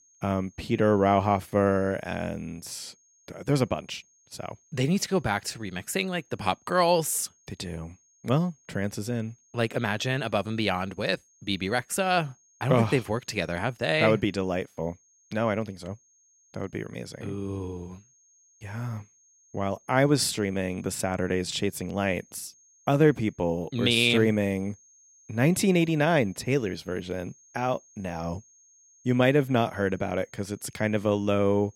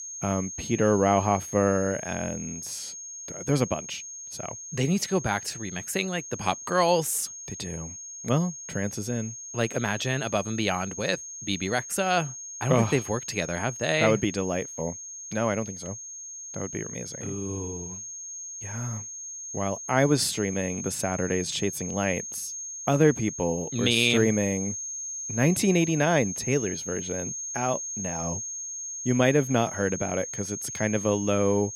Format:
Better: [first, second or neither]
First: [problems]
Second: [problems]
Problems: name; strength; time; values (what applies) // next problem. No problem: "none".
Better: first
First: high-pitched whine; faint; throughout; 6.5 kHz, 30 dB below the speech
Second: high-pitched whine; loud; throughout; 6.5 kHz, 8 dB below the speech